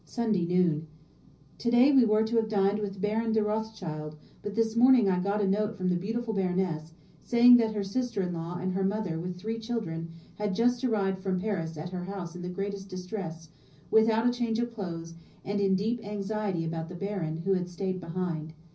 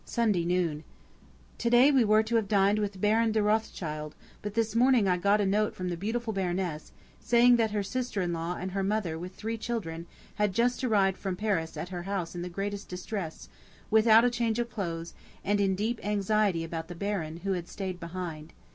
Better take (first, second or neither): second